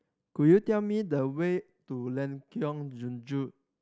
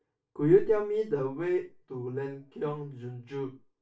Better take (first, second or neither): first